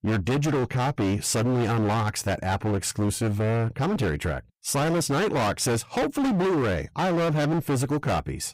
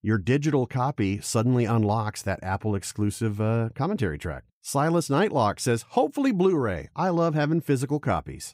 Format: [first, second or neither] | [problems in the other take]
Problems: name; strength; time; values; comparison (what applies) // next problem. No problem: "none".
second | distortion; heavy; 34% of the sound clipped